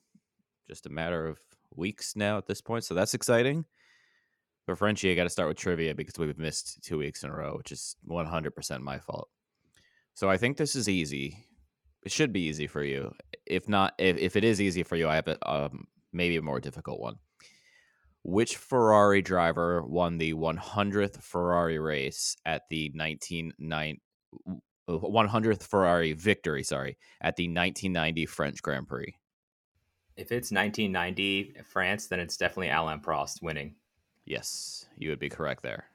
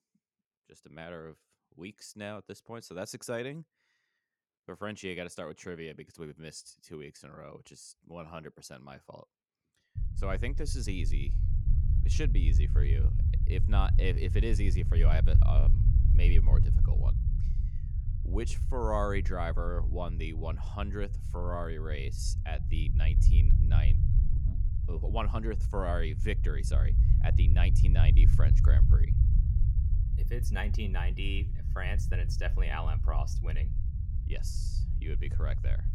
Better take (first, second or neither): first